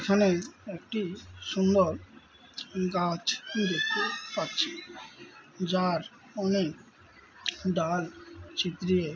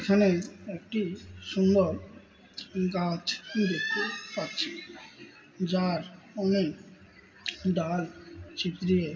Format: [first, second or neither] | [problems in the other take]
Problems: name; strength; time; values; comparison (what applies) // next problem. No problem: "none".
first | room echo; dies away in 1.3 s